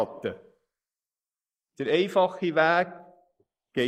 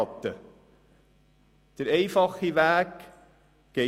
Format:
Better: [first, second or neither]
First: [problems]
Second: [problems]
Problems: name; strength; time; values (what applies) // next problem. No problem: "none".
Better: second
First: noise reduction (neural mask model Resemble Enhance denoiser)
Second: none